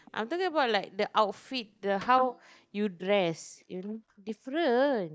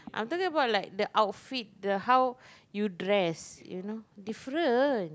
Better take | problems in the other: second | noise reduction (neural mask model DeepFilterNet 3)

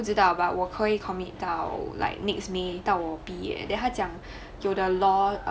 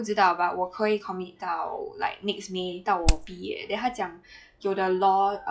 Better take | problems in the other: first | noise reduction (classical method log-MMSE)

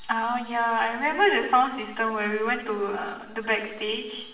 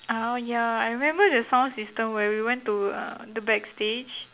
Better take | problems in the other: second | room echo; dies away in 0.8 s

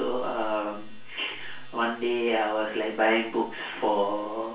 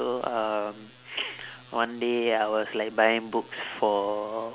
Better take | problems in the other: second | room echo; dies away in 0.3 s

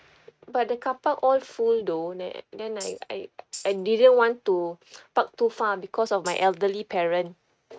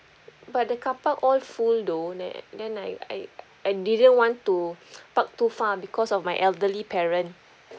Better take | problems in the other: second | noise reduction (neural mask model RNNoise)

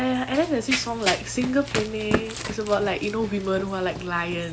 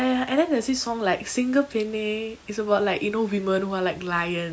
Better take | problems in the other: second | background sound (Run); 6 dB below the speech

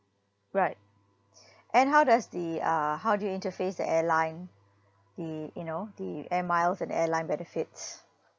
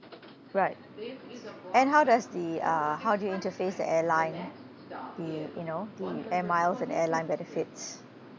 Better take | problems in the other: first | background sound (Subway, metro, underground); 13 dB below the speech

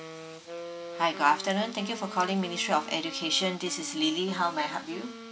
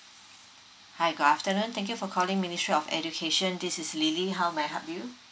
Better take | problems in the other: second | background sound (Wind instrument, woodwind instrument); 13 dB below the speech

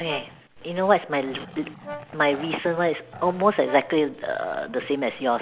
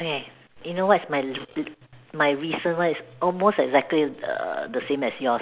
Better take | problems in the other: second | background sound (Growling + Brass instrument); 17 dB below the speech

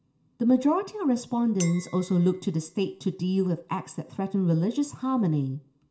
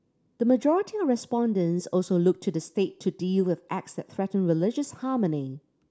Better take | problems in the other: second | background sound (Chink, clink); 19 dB below the speech // room echo; dies away in 0.4 s

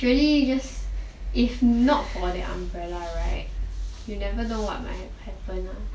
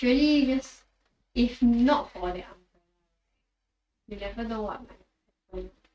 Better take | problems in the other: first | noise reduction (neural mask model RNNoise)

